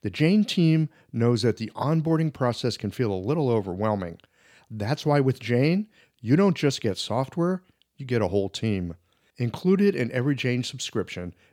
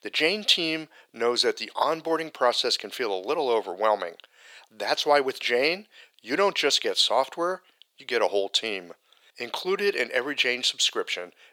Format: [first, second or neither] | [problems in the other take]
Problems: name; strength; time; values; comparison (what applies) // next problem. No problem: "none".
first | thin; very; fading below 500 Hz